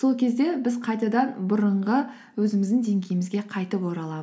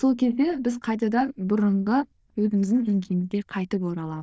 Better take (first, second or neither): first